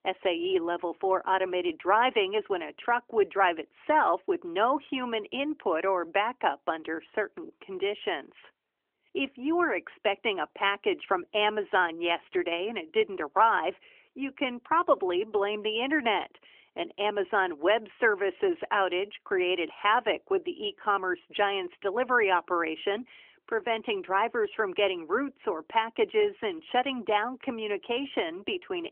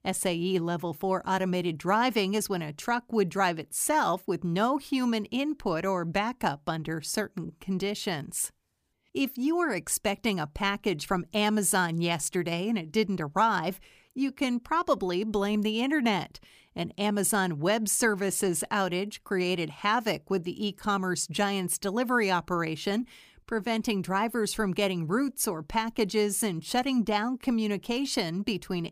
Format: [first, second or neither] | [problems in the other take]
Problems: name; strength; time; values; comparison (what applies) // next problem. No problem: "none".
second | phone-call audio; nothing above 3 kHz